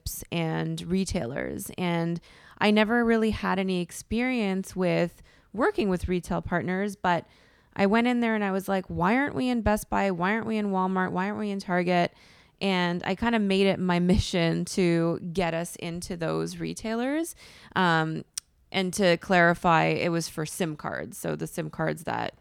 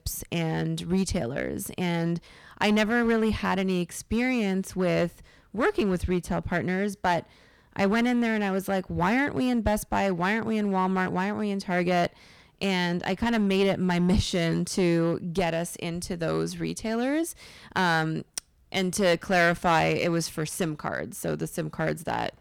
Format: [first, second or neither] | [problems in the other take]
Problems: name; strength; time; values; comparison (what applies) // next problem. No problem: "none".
first | distortion; slight; 5% of the sound clipped